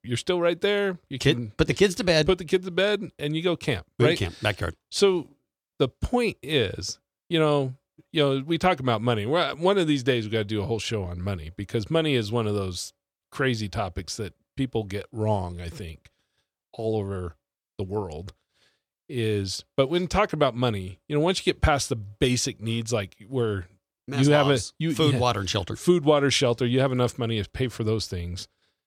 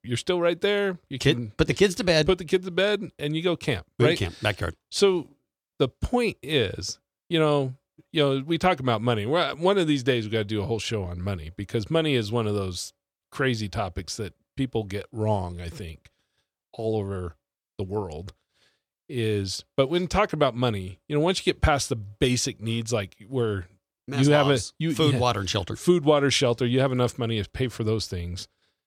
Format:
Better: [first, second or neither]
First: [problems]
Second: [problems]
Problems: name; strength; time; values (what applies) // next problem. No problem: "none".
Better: neither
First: none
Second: none